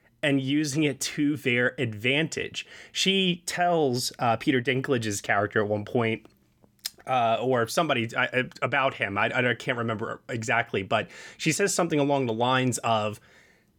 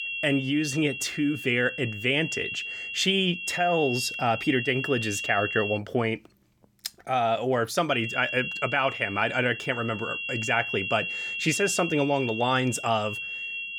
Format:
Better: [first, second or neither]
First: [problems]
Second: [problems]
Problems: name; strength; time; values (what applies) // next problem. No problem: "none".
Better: first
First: none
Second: high-pitched whine; loud; until 6 s and from 8 s on; 2.5 kHz, 5 dB below the speech